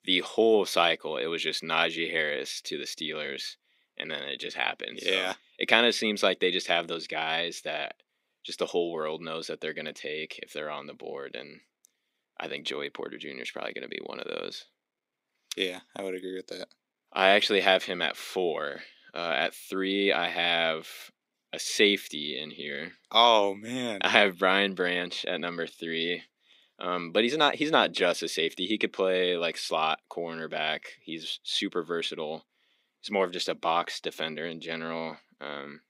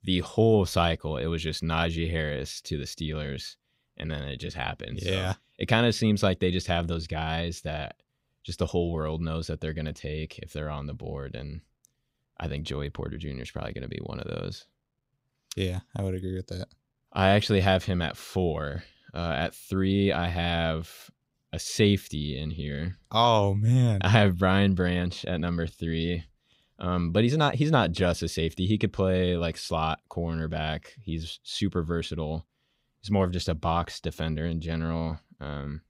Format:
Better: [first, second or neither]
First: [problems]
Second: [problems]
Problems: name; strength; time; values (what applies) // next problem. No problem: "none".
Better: second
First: thin; somewhat; fading below 300 Hz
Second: none